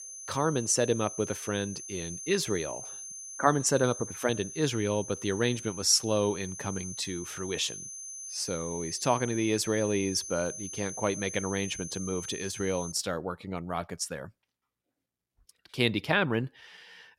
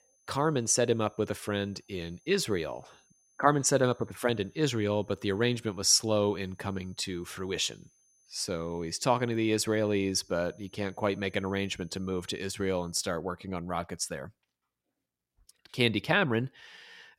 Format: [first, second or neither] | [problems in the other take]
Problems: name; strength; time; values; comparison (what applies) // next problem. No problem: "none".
second | high-pitched whine; loud; until 13 s; 6.5 kHz, 9 dB below the speech; faint in the second